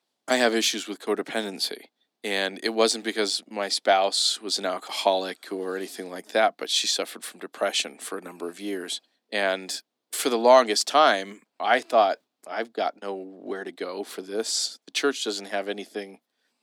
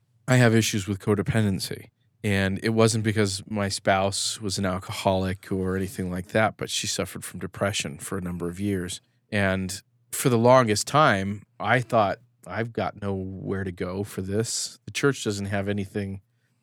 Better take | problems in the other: second | thin; somewhat; fading below 250 Hz

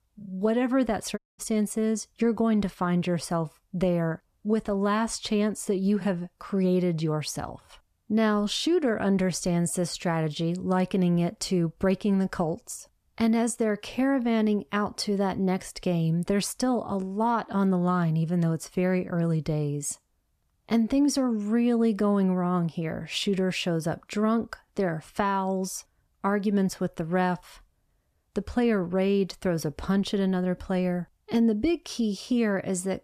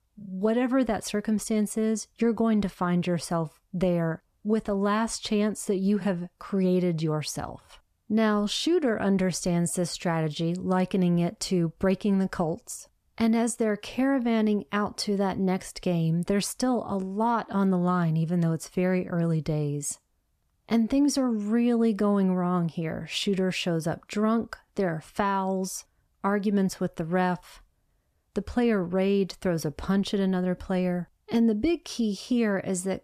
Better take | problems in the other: second | audio cutting out; at 1 s

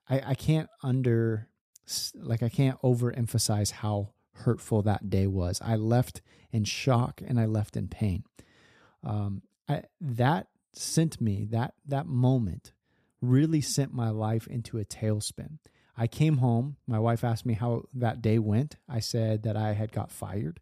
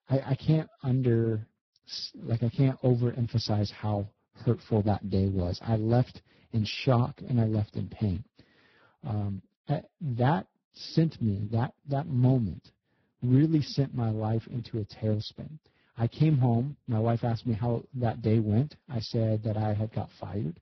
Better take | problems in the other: first | garbled, watery; badly; nothing above 5.5 kHz

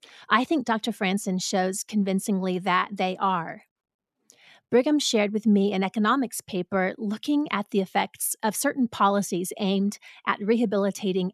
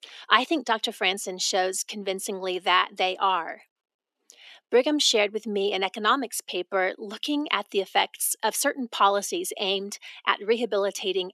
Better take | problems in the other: first | thin; somewhat; fading below 300 Hz

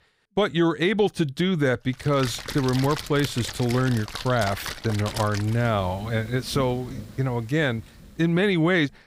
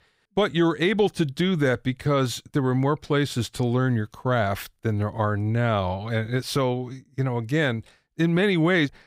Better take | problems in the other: second | rain or running water; noticeable; from 2 s on; 10 dB below the speech

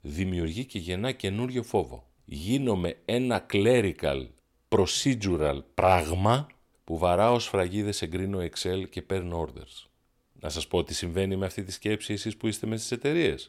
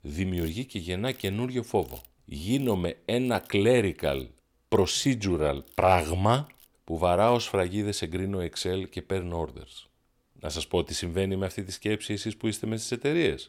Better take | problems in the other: first | machinery noise; faint; throughout; 25 dB below the speech

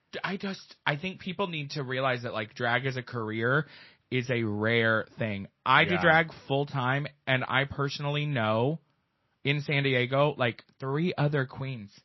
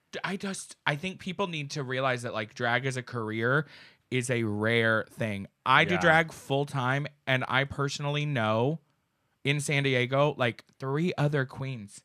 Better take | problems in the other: second | garbled, watery; slightly; nothing above 5.5 kHz

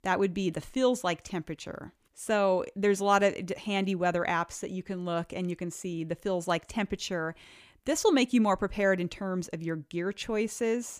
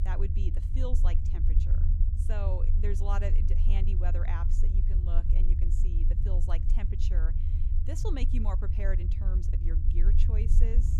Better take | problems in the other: first | low rumble; loud; throughout; 5 dB below the speech

